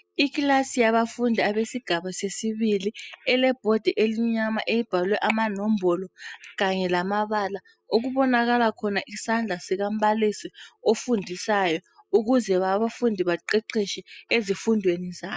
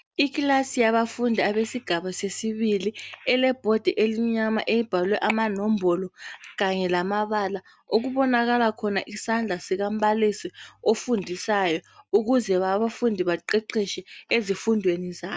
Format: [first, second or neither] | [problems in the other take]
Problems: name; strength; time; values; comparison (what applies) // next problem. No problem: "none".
second | noise reduction (classical method spectral subtraction)